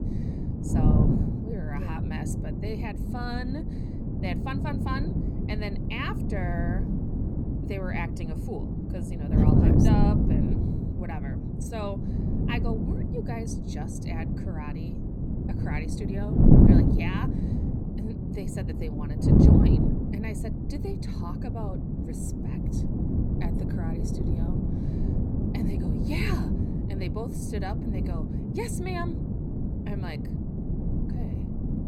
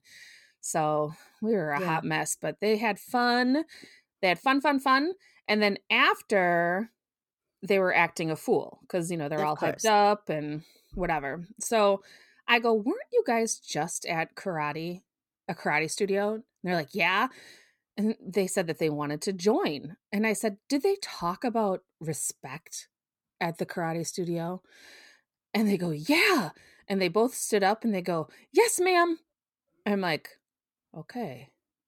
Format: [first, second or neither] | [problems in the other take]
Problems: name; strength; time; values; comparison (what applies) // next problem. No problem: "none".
second | wind noise on the microphone; heavy; 3 dB above the speech